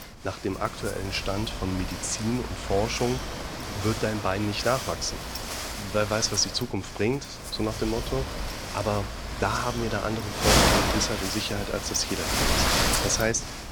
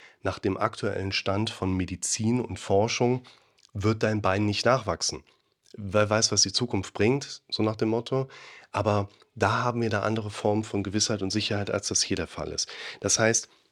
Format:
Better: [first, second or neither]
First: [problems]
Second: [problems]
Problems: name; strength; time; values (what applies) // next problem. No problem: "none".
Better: second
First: wind noise on the microphone; heavy; as loud as the speech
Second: none